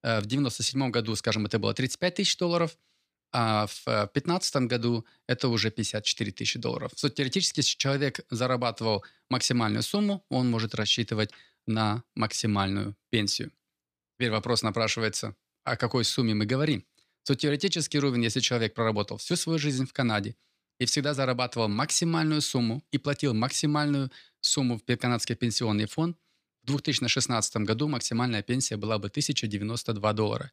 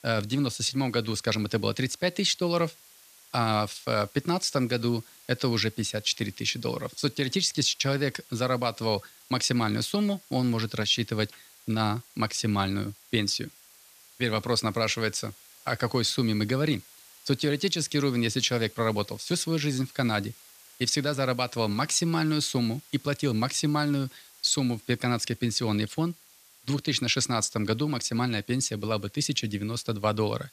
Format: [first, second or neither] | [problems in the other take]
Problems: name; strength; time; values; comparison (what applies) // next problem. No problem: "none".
first | hiss; faint; throughout; 25 dB below the speech